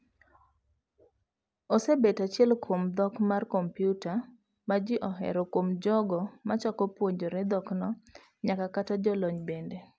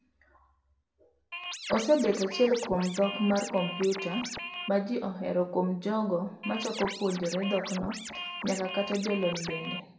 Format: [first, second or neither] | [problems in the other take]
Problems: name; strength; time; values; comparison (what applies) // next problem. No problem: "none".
first | background sound (Scratching (performance technique)); 8 dB below the speech // room echo; dies away in 0.6 s